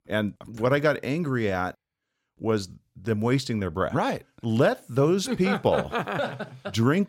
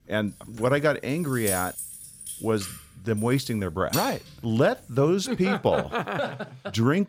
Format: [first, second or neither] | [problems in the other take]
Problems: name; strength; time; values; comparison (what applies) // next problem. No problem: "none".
first | jangling keys; noticeable; from 0.5 to 4 s; peak 3 dB below the speech